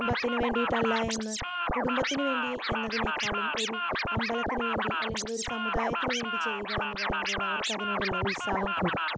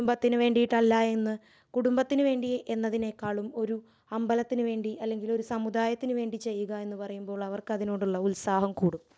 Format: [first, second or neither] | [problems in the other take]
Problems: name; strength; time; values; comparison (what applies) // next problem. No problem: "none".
second | background sound (Scratching (performance technique)); 3 dB above the speech